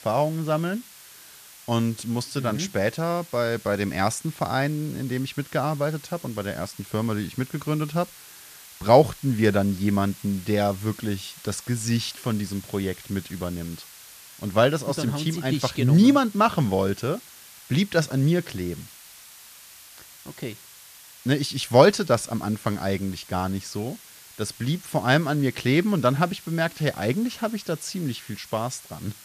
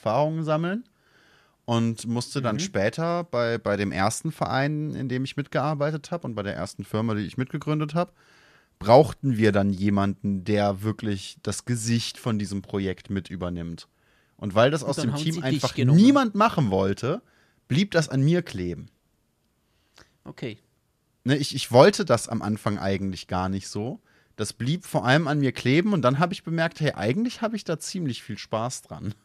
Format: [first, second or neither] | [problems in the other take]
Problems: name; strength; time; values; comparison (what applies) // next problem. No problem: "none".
second | hiss; noticeable; throughout; 20 dB below the speech